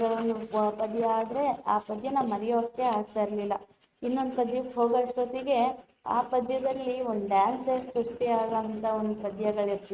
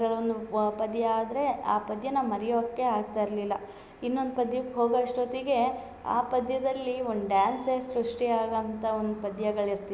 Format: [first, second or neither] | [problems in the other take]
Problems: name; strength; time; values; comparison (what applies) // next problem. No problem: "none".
second | noise reduction (neural mask model RNNoise)